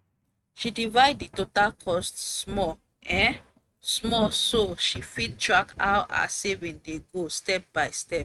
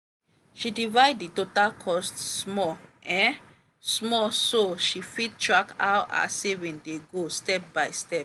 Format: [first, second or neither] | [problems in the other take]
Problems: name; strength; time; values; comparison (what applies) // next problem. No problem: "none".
second | noise reduction (neural mask model RNNoise)